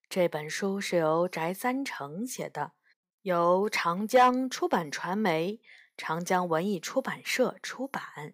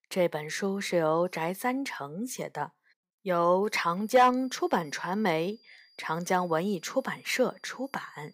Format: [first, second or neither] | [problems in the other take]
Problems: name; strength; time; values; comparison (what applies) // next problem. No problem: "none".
first | high-pitched whine; faint; from 4 s on; 5 kHz, 30 dB below the speech